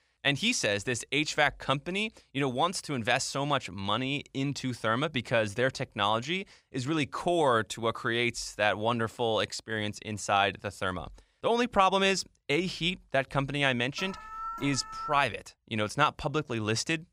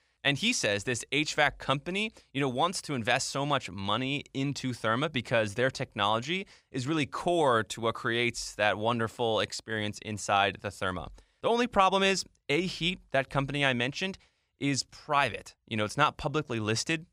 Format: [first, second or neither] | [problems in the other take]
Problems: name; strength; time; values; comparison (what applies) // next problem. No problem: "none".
second | alarm; noticeable; from 14 to 15 s; peak 9 dB below the speech